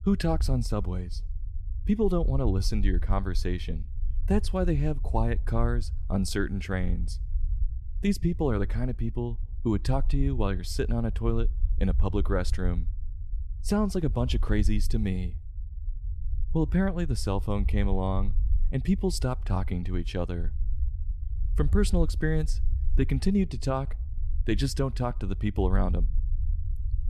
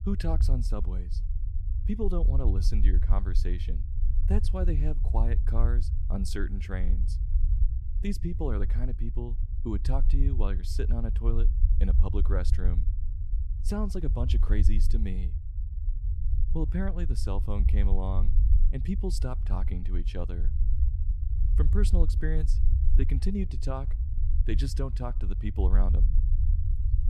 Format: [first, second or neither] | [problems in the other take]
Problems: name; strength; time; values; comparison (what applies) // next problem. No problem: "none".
first | low rumble; loud; throughout; 9 dB below the speech; faint in the first